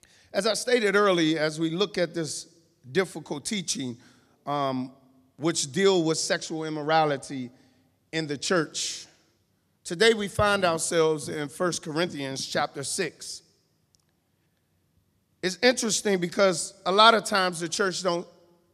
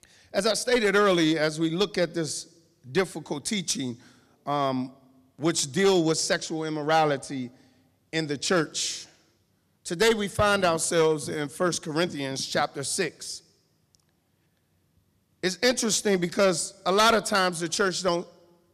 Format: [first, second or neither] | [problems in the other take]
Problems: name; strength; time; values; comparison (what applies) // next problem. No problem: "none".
first | distortion; slight; 3% of the sound clipped